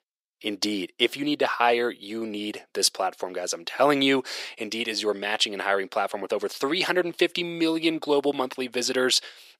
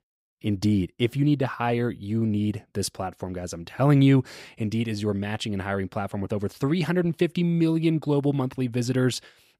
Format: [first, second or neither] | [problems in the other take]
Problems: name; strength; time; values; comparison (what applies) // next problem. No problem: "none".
second | thin; very; fading below 400 Hz